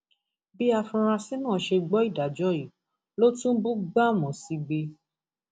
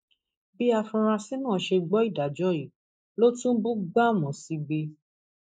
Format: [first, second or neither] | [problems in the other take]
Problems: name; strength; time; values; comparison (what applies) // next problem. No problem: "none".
first | noise reduction (neural mask model Resemble Enhance denoiser)